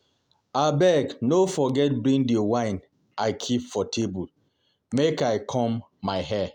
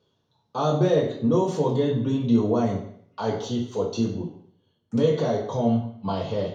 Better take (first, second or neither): first